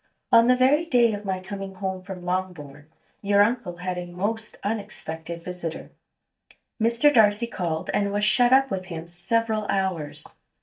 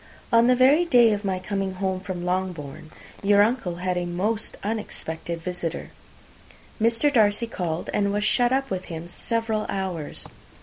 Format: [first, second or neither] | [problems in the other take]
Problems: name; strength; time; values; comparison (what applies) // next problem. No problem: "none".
second | noise reduction (neural mask model DeepFilterNet 3)